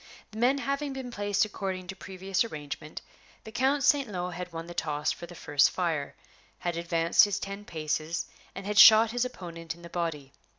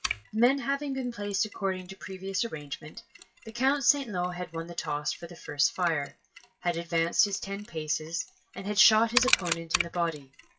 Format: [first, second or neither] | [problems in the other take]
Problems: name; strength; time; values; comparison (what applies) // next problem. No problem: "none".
first | noise reduction (classical method WPE with log-MMSE)